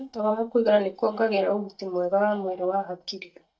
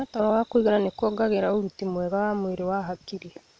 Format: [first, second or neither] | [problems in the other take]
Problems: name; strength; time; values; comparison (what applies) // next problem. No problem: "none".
second | noise reduction (neural mask model DeepFilterNet 3)